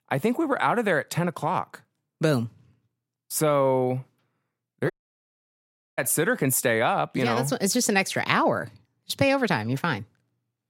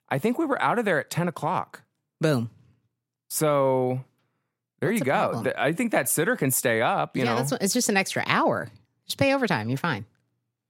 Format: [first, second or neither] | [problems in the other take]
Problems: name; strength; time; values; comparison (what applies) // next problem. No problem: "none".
second | audio cutting out; at 5 s for 1 s